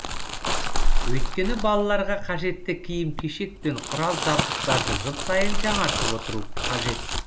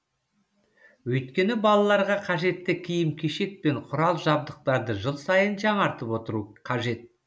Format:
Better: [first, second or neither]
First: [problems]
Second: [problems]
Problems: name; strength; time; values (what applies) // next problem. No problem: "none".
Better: second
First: background sound (Crumpling, crinkling); 4 dB above the speech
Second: none